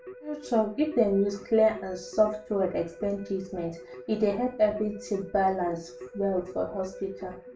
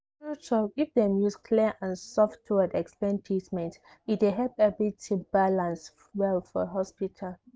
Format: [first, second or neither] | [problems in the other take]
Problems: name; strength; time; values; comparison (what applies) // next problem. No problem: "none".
second | background sound (Keyboard (musical)); 16 dB below the speech // room echo; dies away in 0.3 s